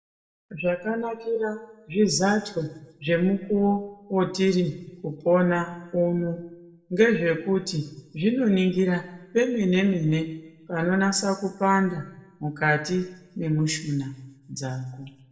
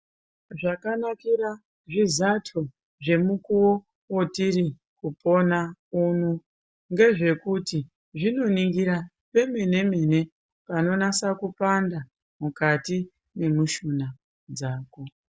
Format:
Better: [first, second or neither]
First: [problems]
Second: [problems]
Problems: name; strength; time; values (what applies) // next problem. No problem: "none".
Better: second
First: room echo; dies away in 0.8 s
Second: none